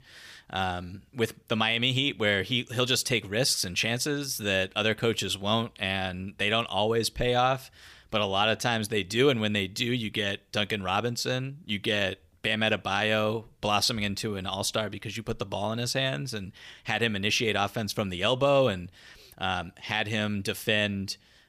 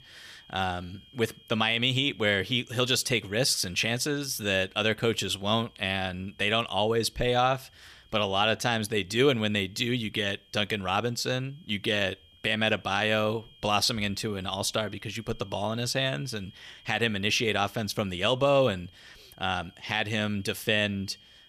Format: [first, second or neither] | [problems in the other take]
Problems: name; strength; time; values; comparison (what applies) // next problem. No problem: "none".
first | high-pitched whine; faint; throughout; 3 kHz, 25 dB below the speech